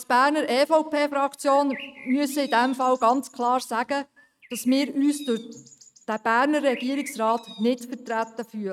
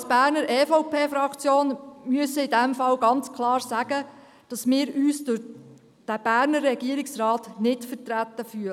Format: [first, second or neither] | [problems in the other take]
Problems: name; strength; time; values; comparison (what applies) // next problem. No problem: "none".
second | noise reduction (neural mask model RNNoise)